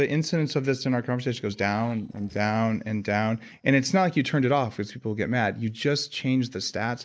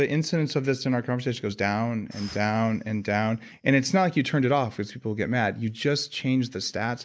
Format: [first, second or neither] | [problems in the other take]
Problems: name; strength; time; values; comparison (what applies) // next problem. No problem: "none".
second | noise reduction (neural separator model SepFormer DNS4)